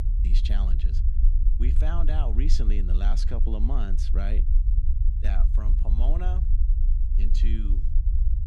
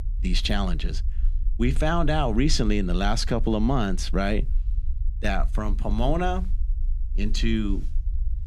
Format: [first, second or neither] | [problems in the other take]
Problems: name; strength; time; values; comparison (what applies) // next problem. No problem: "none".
second | low rumble; loud; throughout; 7 dB below the speech; faint in the second